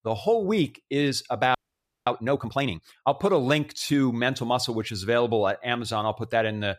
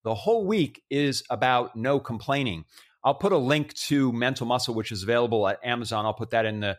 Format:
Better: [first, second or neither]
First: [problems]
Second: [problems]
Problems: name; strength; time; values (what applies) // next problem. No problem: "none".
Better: second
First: audio freezing; at 1.5 s for 0.5 s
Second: none